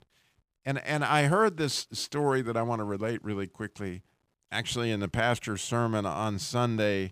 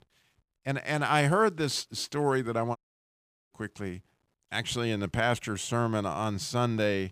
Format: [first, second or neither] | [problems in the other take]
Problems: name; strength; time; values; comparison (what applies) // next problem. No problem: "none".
first | audio cutting out; at 3 s for 1 s